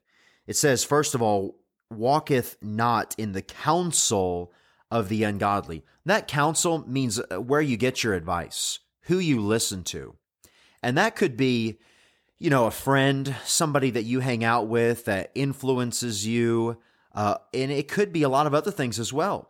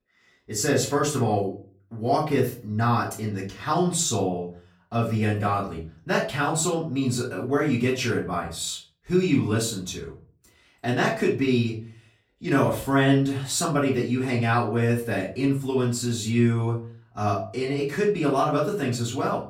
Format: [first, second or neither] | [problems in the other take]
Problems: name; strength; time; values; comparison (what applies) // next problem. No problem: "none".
first | off-mic speech; far // room echo; slight; dies away in 0.4 s